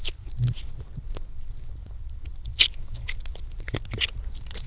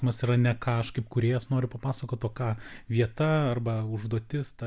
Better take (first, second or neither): second